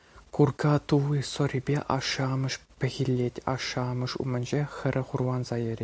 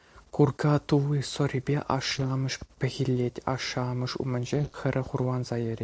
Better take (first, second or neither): first